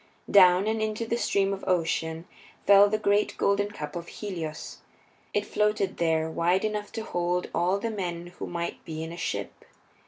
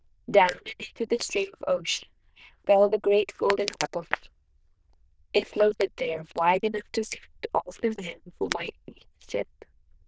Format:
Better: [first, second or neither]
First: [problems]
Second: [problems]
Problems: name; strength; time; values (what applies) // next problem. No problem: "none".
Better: first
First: none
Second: noise reduction (neural diffusion model UNIVERSE++)